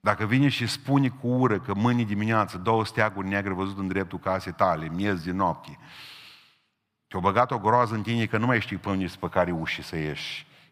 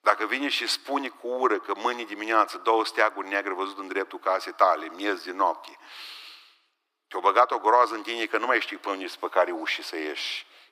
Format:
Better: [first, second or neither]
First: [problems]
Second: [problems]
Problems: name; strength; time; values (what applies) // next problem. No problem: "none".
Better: first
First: none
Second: thin; very; fading below 300 Hz